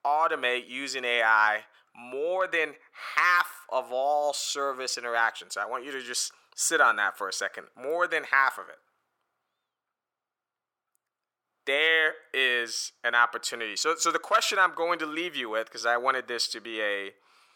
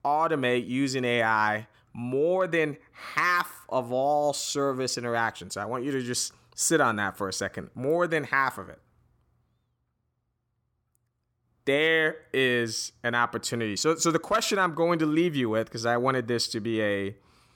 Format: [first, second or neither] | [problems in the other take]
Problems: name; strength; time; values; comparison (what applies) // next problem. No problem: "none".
second | thin; very; fading below 650 Hz